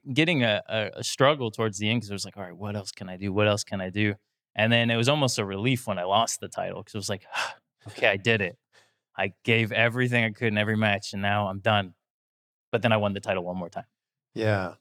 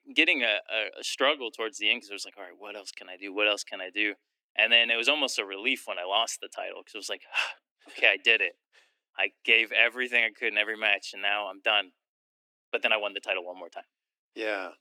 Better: first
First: none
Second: thin; somewhat; fading below 300 Hz

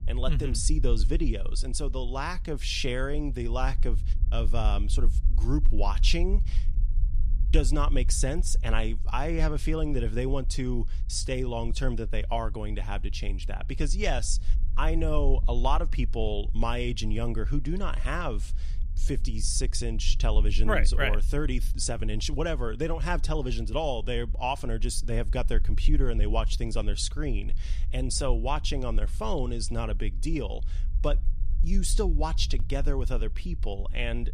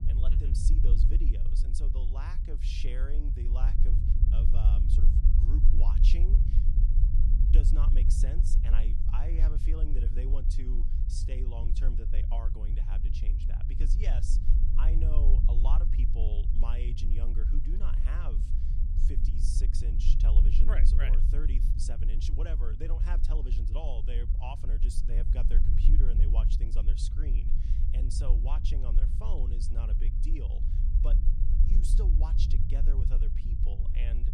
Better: first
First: low rumble; faint; throughout; 20 dB below the speech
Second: low rumble; loud; throughout; 3 dB below the speech

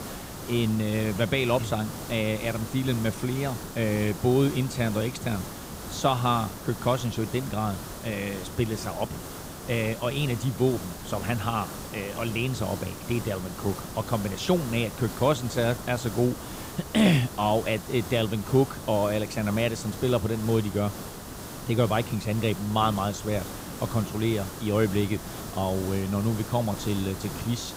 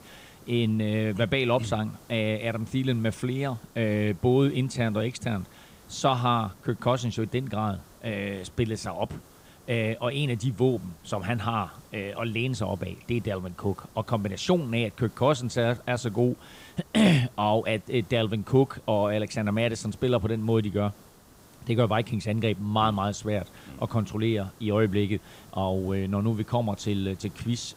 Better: second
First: hiss; loud; throughout; 10 dB below the speech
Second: hiss; faint; throughout; 25 dB below the speech

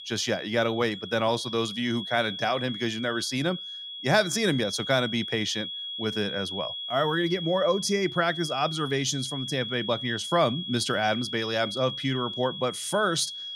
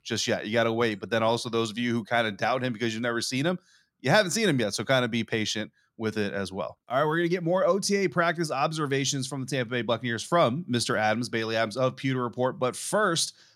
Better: second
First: high-pitched whine; loud; throughout; 3.5 kHz, 7 dB below the speech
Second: none

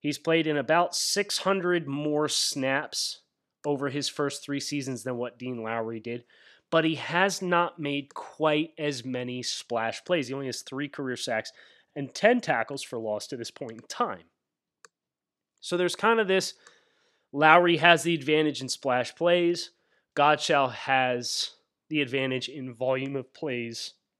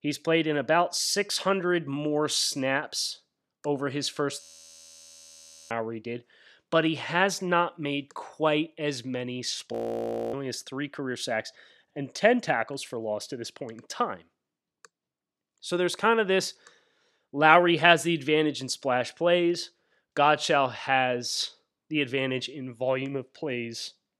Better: first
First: none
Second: audio freezing; at 4.5 s for 1.5 s and at 9.5 s for 0.5 s

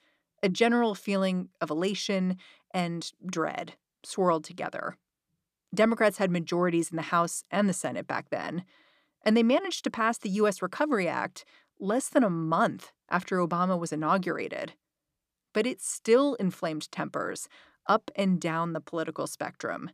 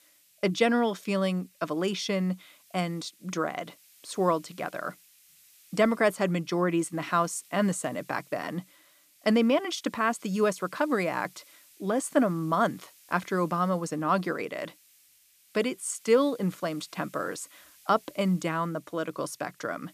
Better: first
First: none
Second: hiss; faint; throughout; 25 dB below the speech

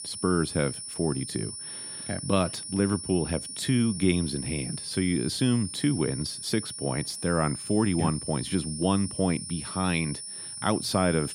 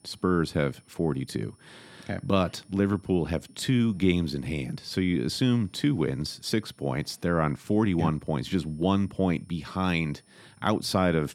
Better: second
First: high-pitched whine; loud; throughout; 9.5 kHz, 7 dB below the speech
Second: high-pitched whine; faint; throughout; 9.5 kHz, 35 dB below the speech

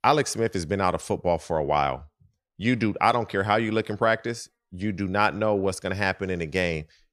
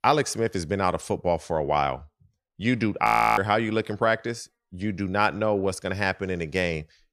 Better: first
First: none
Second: audio freezing; at 3 s

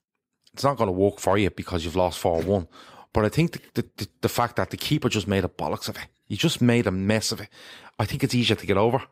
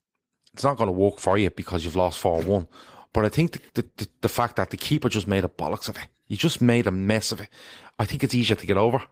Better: first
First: none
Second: garbled, watery; slightly; nothing above 15.5 kHz

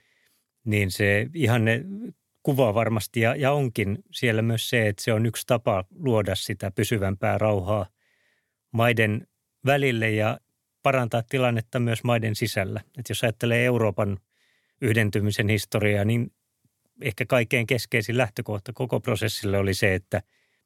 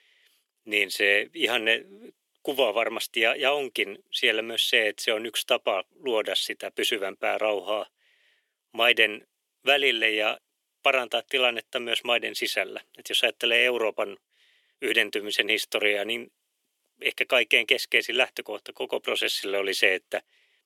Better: first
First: none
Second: thin; very; fading below 350 Hz

